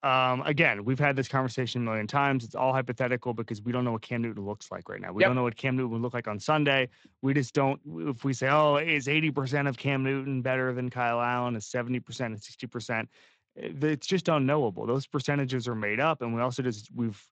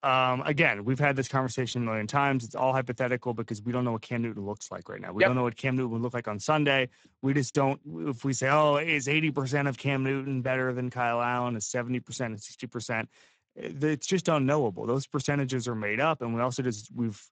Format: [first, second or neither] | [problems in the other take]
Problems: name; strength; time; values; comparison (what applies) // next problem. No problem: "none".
first | garbled, watery; badly; nothing above 7.5 kHz; slightly in the first